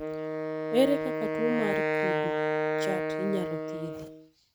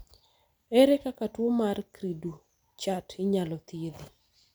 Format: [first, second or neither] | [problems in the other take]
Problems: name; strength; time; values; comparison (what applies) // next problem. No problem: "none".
second | background sound (Wind instrument, woodwind instrument); 2 dB above the speech